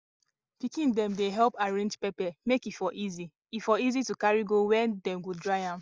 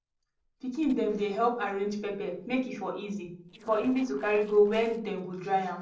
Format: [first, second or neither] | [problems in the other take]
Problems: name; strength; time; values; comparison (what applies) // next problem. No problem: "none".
first | noise reduction (neural separator model SepFormer DNS4)